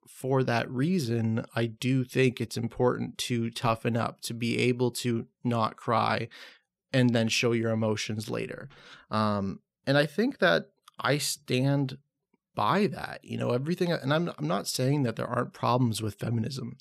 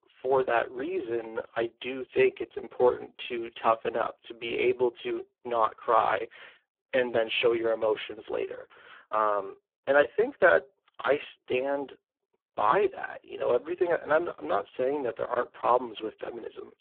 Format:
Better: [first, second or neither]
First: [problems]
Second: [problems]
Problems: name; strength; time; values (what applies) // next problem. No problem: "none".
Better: first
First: none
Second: phone-call audio; poor line